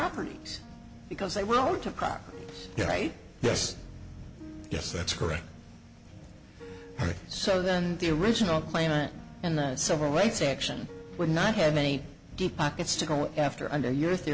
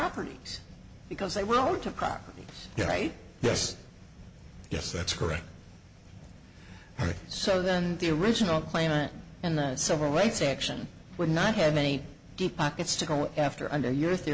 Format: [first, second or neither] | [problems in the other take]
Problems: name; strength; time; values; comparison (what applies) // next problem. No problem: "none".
second | background sound (Piano); 19 dB below the speech